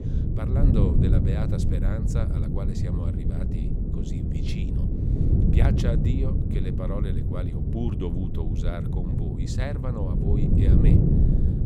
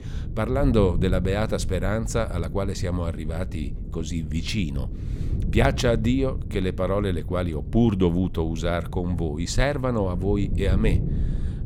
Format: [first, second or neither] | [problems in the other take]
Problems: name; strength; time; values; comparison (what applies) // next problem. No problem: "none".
second | wind noise on the microphone; heavy; 2 dB above the speech; occasional gusts in the second